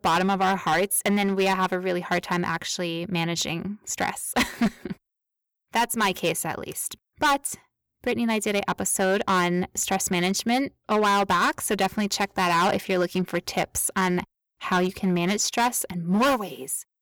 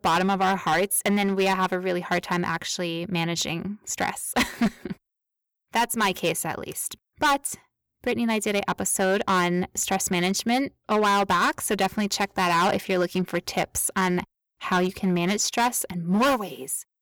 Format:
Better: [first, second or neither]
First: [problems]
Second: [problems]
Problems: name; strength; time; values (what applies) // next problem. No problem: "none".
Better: neither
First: distortion; heavy; 8% of the sound clipped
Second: distortion; heavy; 8% of the sound clipped